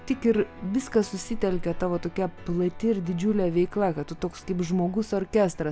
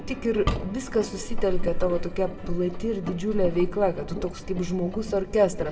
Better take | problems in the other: first | background sound (Engine); 12 dB below the speech // room echo; dies away in 1.3 s

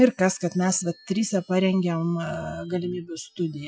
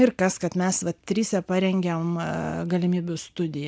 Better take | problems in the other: second | noise reduction (classical method Wiener filter)

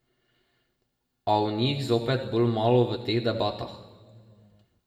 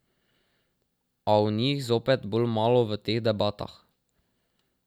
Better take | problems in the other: second | room echo; dies away in 1.5 s

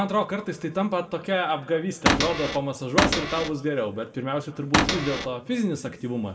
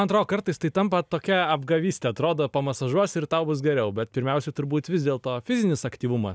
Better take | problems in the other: second | background sound (Cupboard open or close / Door); 3 dB above the speech // room echo; dies away in 1.5 s

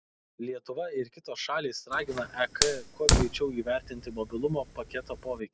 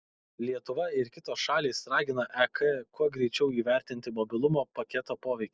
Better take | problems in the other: second | background sound (Fire); 1 dB above the speech

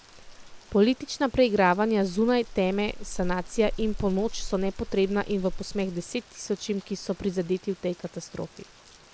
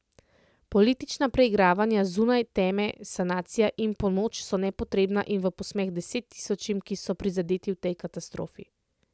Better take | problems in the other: second | background sound (Rain); 11 dB below the speech

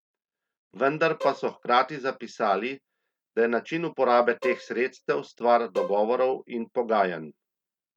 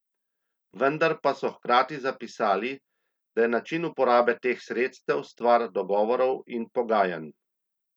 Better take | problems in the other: second | noise reduction (neural mask model RNNoise)

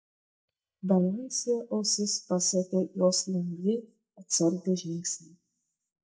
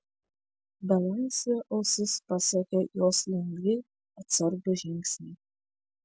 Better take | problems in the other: second | noise reduction (neural mask model DeepFilterNet 3)

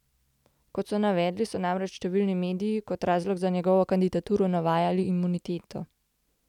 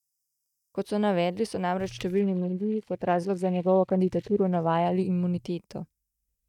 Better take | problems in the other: first | noise reduction (neural mask model DeepFilterNet 3)

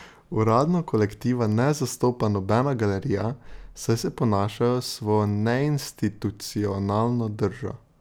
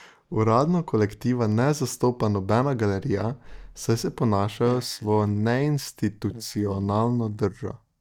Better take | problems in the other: first | noise reduction (neural mask model DeepFilterNet 3)

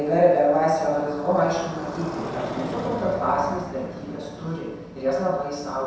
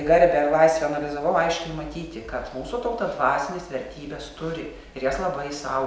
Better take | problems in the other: second | background sound (Motorcycle); 11 dB below the speech // room echo; dies away in 0.7 s

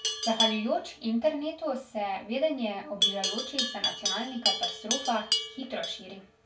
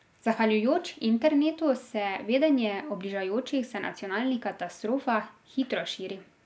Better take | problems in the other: second | background sound (Livestock, farm animals, working animals); 1 dB below the speech // room echo; dies away in 0.2 s

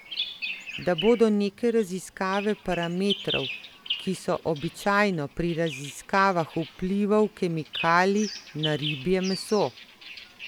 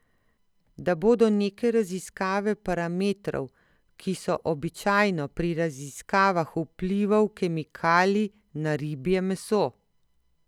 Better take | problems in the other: second | background sound (Bird vocalization, bird call, bird song); 11 dB below the speech

